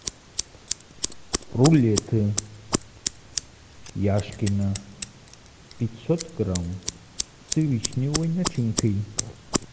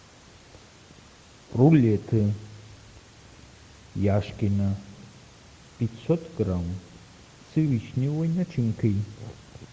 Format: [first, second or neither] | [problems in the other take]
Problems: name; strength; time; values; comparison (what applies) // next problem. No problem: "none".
second | background sound (Scissors); 7 dB below the speech